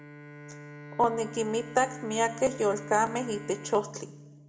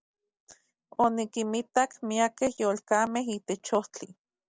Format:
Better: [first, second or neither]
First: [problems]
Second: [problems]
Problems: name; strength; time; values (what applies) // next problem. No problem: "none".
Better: second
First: background sound (Bowed string instrument); 13 dB below the speech // room echo; dies away in 0.9 s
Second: none